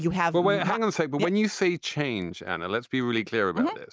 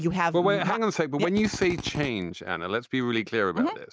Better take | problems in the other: first | background sound (Drill); 9 dB below the speech

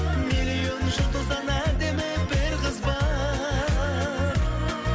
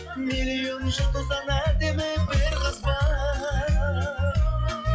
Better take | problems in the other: first | noise reduction (classical method log-MMSE)

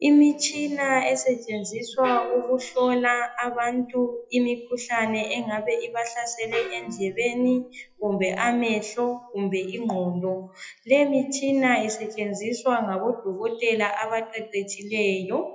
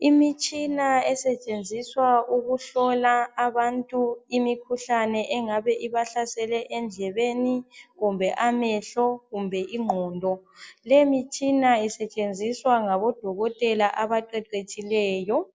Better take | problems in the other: second | noise reduction (classical method WPE with log-MMSE)

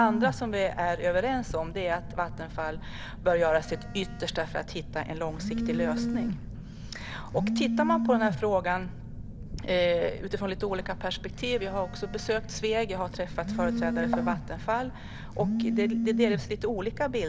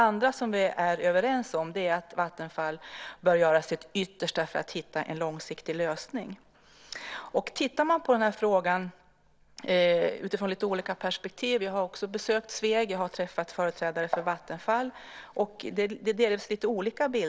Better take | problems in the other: second | background sound (Telephone); 3 dB below the speech

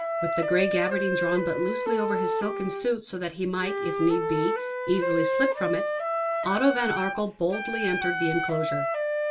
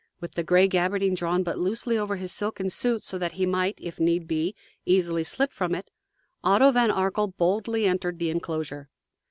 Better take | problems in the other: second | background sound (Wind instrument, woodwind instrument); as loud as the speech // room echo; dies away in 0.2 s

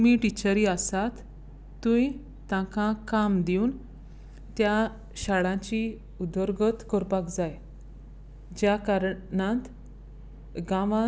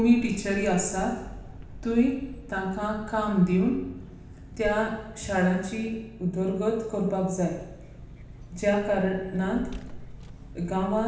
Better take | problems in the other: first | background sound (Vehicle); 17 dB below the speech // room echo; dies away in 0.9 s

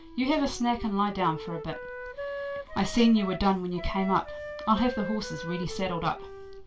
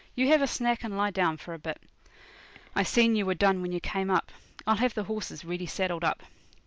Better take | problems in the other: second | background sound (Wind instrument, woodwind instrument); 11 dB below the speech // room echo; dies away in 0.2 s

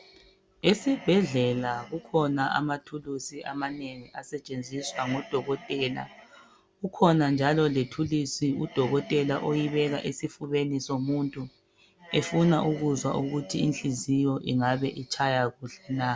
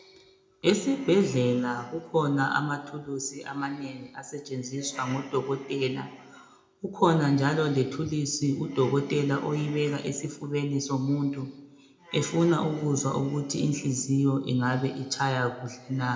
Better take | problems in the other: first | room echo; dies away in 0.5 s

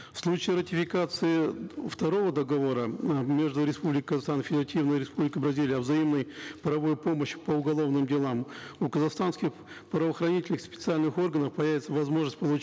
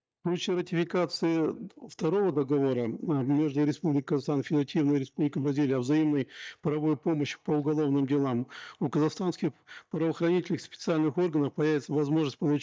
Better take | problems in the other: first | noise reduction (neural mask model DeepFilterNet 3)

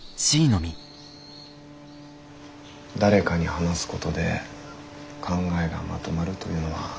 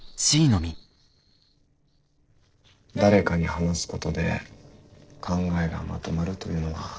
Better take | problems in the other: first | noise reduction (neural separator model SepFormer DNS4)

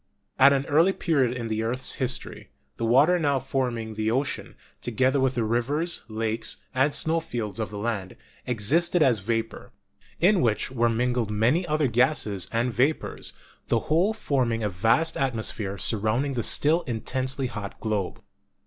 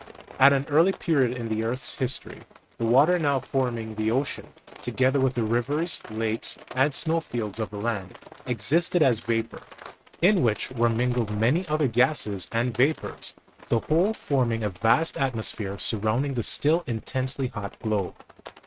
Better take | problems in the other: first | noise reduction (neural mask model RNNoise)

